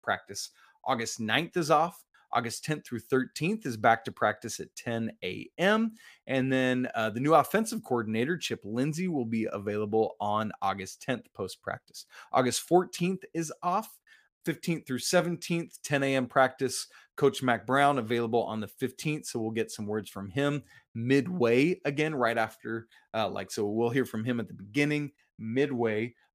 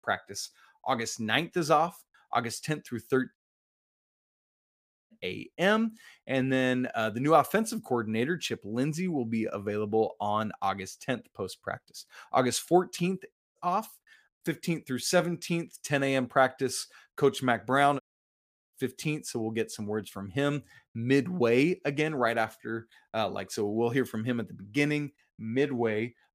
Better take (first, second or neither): first